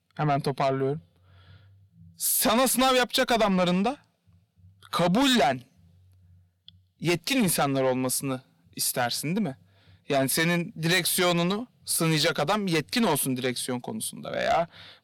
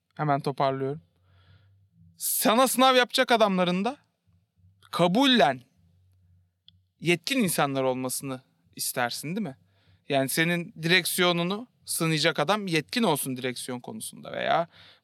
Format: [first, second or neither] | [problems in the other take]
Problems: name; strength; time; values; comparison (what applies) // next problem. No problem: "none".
second | distortion; heavy; 7 dB below the speech